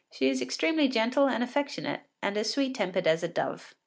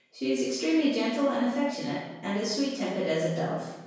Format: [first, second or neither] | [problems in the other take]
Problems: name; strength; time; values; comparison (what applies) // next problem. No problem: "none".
first | room echo; dies away in 1 s